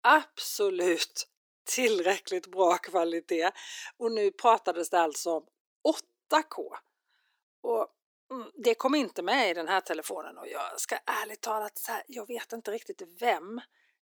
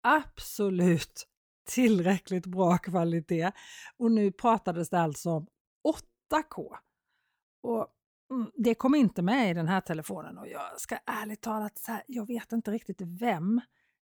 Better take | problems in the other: second | thin; very; fading below 300 Hz

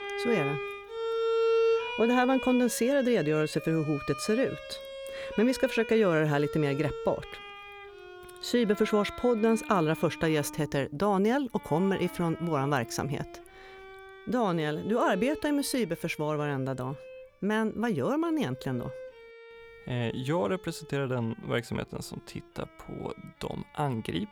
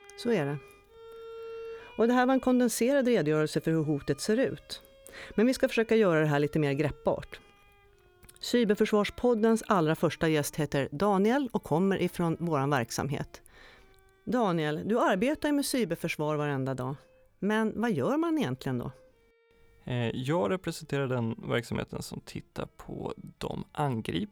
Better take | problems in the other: second | background music; loud; throughout; 7 dB below the speech; faint in the second

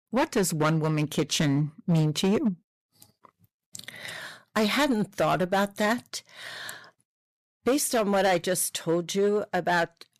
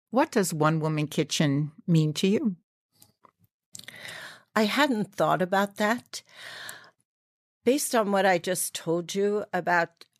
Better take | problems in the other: second | distortion; slight; 7% of the sound clipped

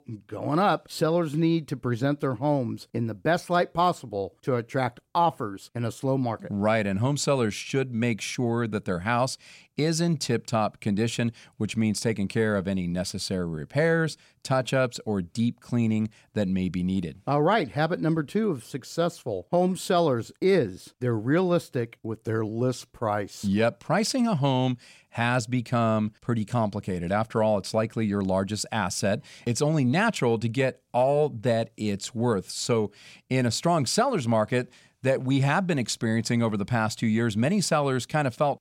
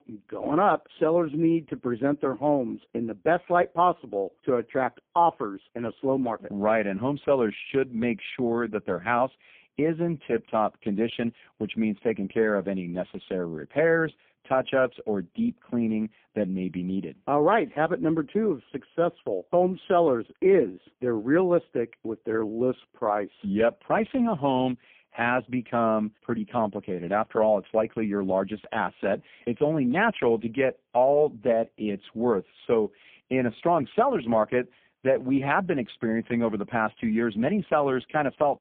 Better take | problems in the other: first | phone-call audio; poor line

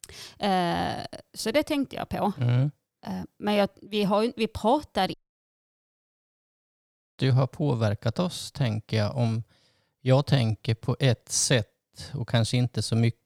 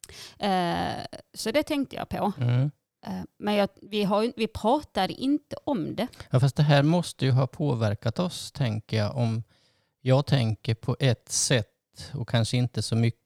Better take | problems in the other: second | audio cutting out; at 5 s for 2 s

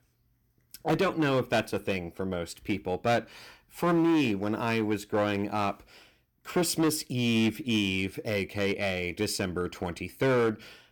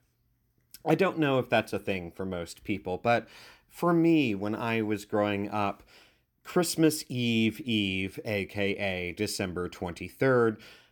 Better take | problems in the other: second | distortion; slight; 6% of the sound clipped

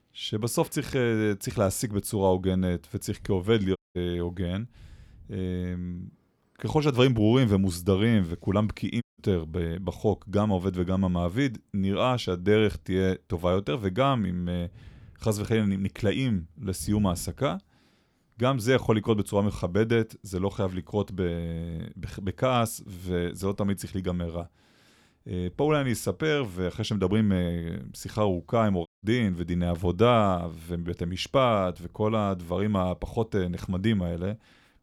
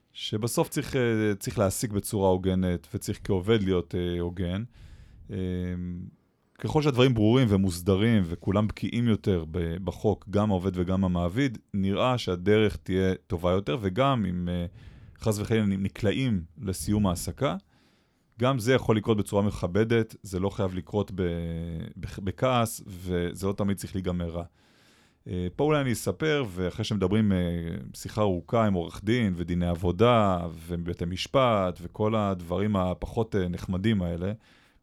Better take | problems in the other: second | audio cutting out; at 4 s, at 9 s and at 29 s

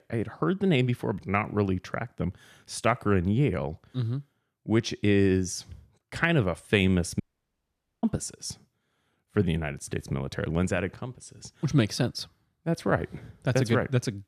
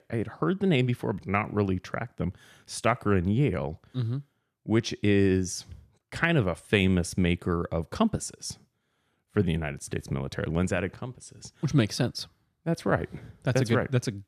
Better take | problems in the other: second | audio cutting out; at 7 s for 1 s

